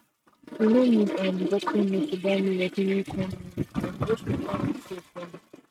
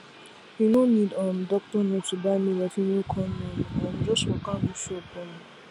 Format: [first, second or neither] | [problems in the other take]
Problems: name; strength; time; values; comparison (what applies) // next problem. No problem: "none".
second | noise reduction (neural mask model RNNoise)